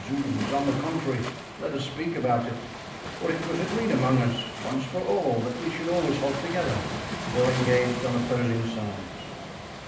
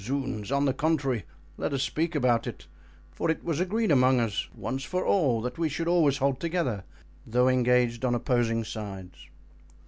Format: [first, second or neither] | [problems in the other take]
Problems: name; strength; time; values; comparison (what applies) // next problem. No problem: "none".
second | background sound (Waves, surf); 7 dB below the speech // room echo; dies away in 0.8 s